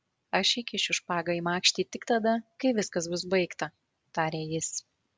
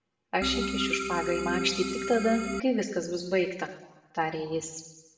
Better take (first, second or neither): first